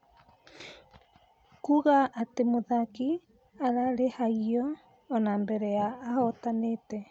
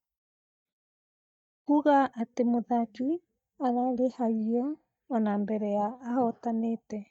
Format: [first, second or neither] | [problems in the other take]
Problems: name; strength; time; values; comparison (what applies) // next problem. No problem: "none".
first | noise reduction (neural mask model DeepFilterNet 3)